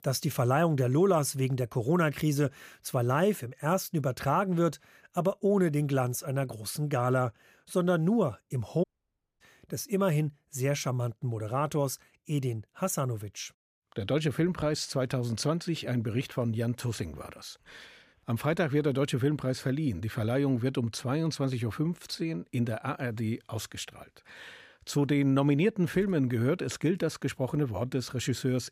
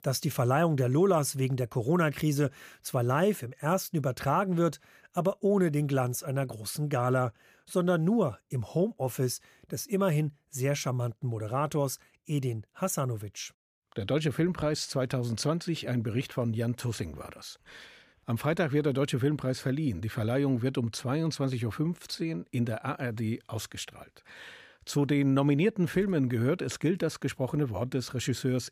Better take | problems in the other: second | audio cutting out; at 9 s for 0.5 s

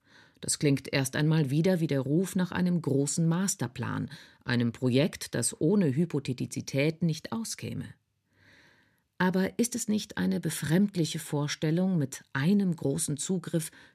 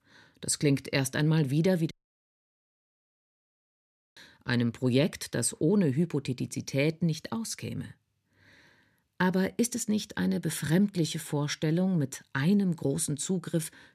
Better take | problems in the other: first | audio cutting out; at 2 s for 2.5 s

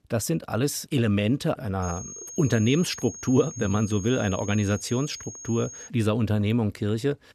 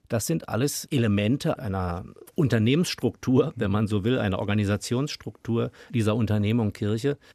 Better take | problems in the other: second | high-pitched whine; noticeable; from 2 to 6 s; 6.5 kHz, 15 dB below the speech

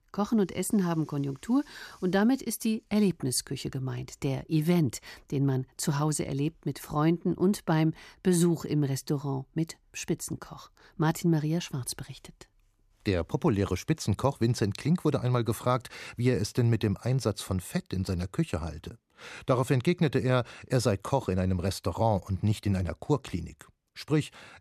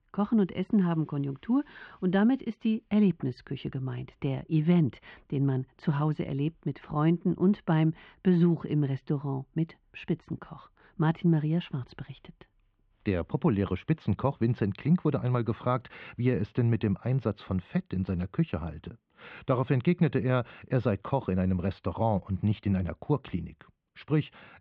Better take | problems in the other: first | muffled; very; fading above 3 kHz

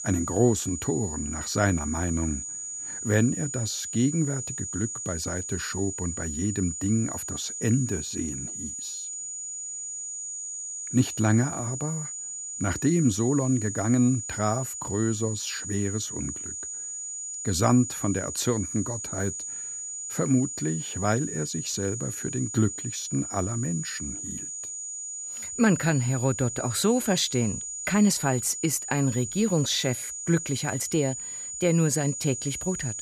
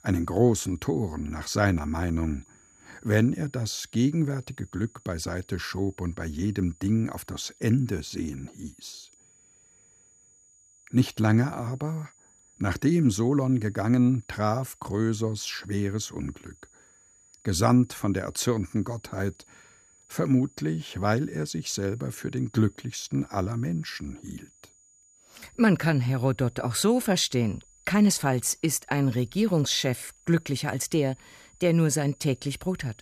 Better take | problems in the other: second | high-pitched whine; loud; throughout; 7 kHz, 5 dB below the speech; faint in the second

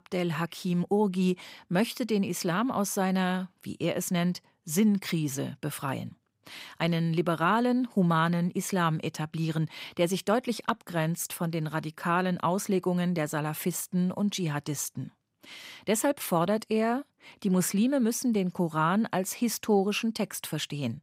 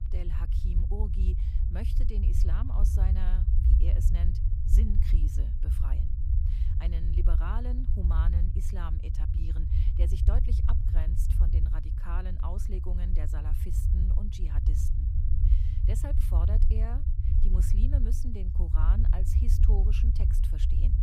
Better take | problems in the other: first | low rumble; loud; throughout; 1 dB below the speech

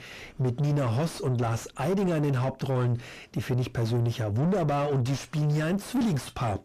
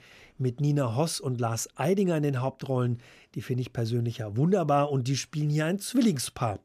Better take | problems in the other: second | distortion; heavy; 7 dB below the speech

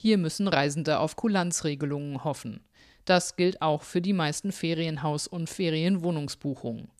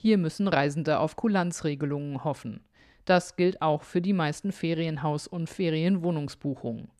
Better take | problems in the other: first | muffled; very slightly; fading above 3.5 kHz

